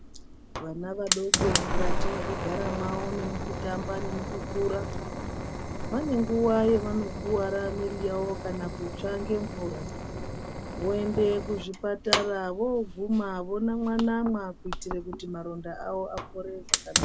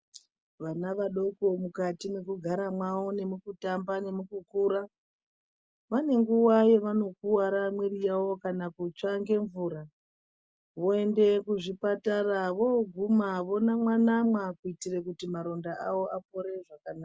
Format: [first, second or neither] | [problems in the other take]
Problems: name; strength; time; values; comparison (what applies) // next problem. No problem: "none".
second | background sound (Fire); 2 dB below the speech